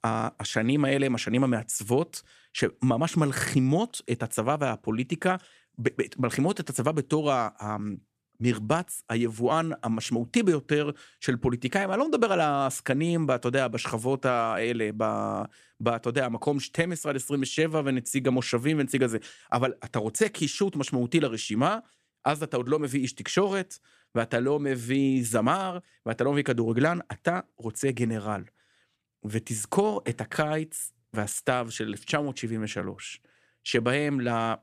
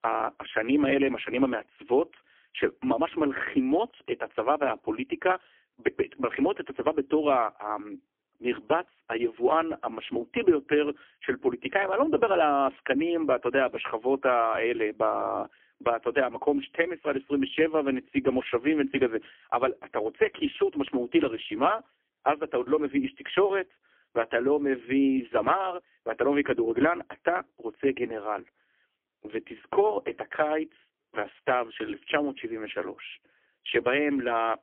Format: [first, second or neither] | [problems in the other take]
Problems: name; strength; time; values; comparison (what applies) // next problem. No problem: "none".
first | phone-call audio; poor line; nothing above 3.5 kHz